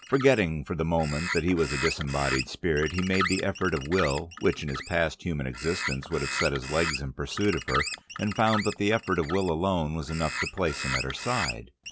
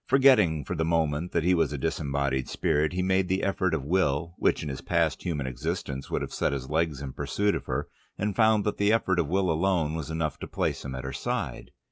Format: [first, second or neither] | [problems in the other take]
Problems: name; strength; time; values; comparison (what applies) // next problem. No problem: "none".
second | background sound (Bird); 8 dB below the speech